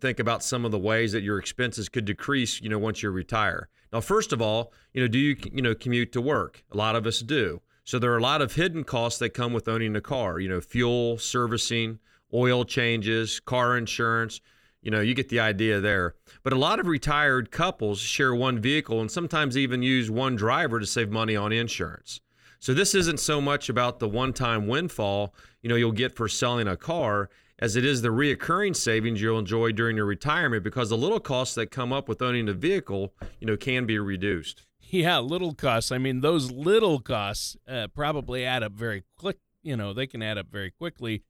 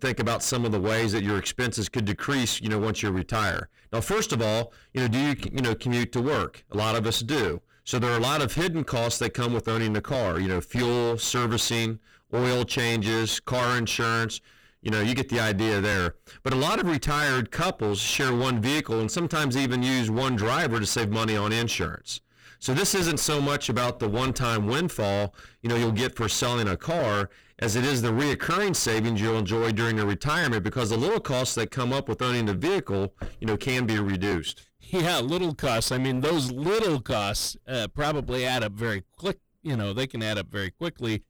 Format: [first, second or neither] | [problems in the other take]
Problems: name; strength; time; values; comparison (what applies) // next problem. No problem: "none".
first | distortion; heavy; 27% of the sound clipped